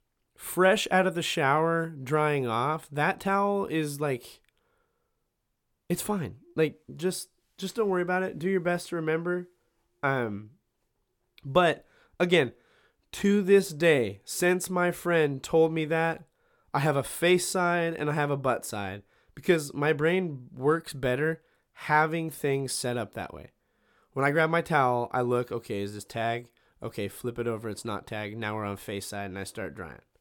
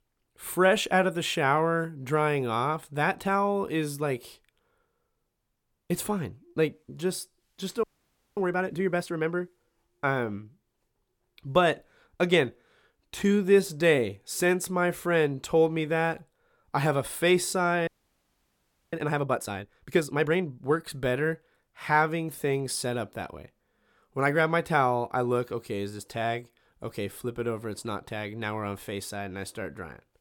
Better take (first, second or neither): first